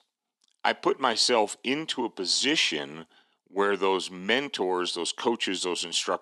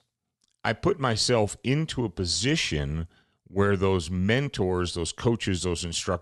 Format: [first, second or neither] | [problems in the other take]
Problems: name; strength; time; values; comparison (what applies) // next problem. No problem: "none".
second | thin; somewhat; fading below 250 Hz